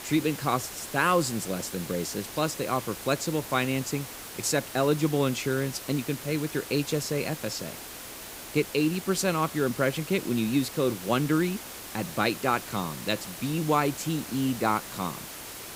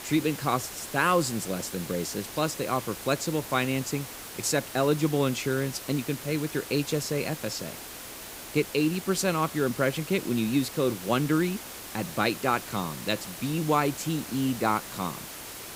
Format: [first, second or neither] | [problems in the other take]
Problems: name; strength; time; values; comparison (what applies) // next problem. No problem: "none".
neither | hiss; noticeable; throughout; 10 dB below the speech; the same in both